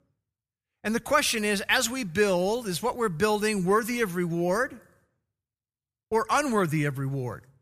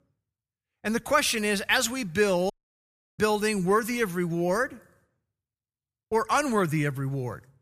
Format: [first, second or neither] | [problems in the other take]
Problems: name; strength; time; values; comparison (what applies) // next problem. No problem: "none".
first | audio cutting out; at 2.5 s for 0.5 s